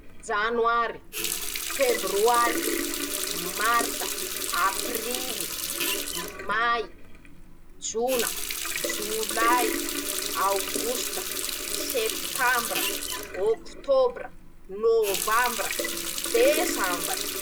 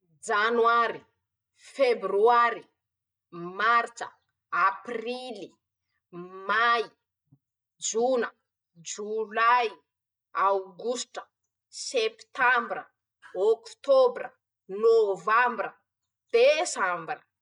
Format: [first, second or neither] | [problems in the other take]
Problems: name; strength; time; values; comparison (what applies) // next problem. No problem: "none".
second | background sound (Water tap, faucet); 2 dB below the speech